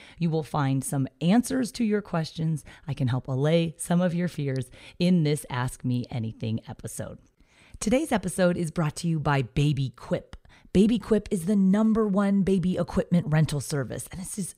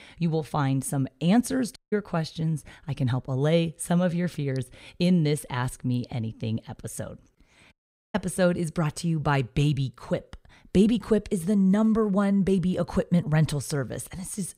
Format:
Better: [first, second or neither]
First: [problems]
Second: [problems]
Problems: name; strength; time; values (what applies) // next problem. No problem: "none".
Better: first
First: none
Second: audio cutting out; at 2 s and at 7.5 s